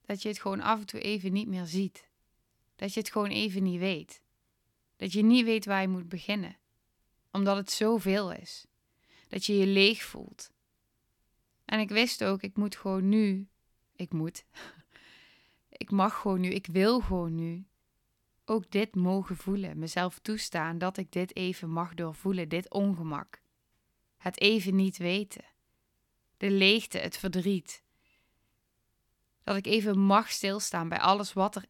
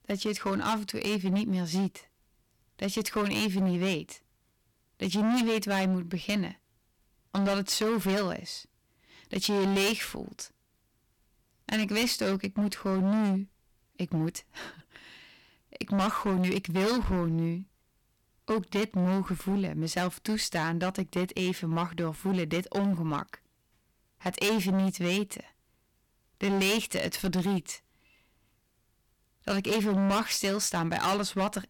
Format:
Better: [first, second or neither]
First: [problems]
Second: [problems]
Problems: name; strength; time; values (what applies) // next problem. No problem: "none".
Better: first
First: none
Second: distortion; heavy; 14% of the sound clipped